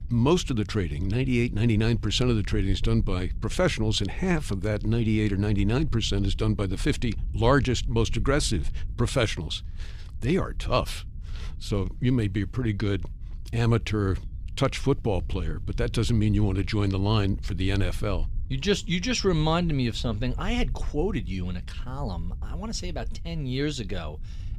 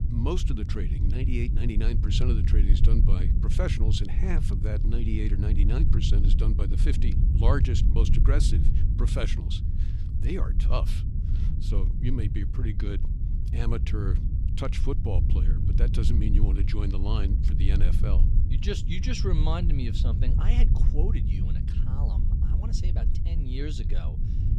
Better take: first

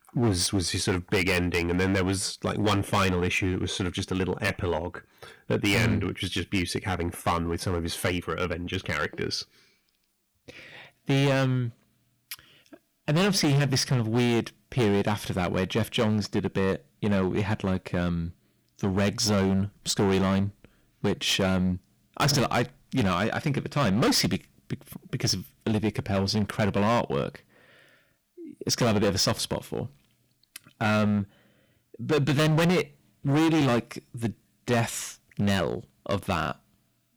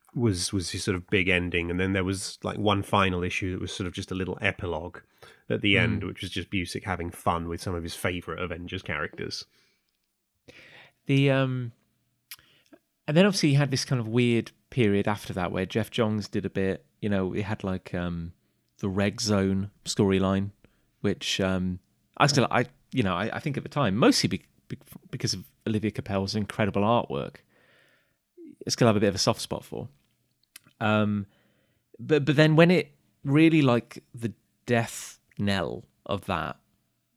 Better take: second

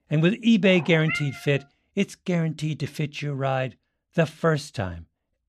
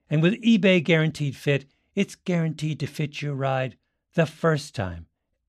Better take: second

